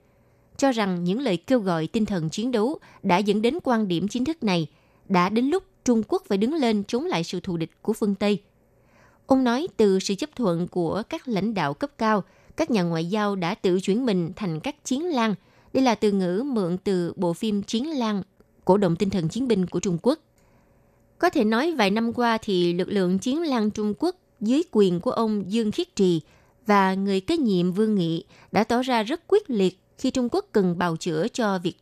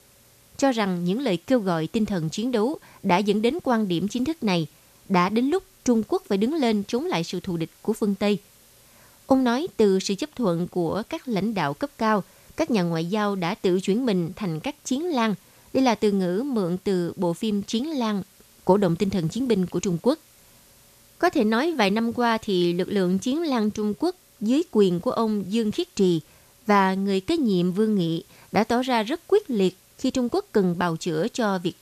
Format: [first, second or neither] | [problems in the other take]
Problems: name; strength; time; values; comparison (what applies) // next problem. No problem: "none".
first | hiss; faint; throughout; 30 dB below the speech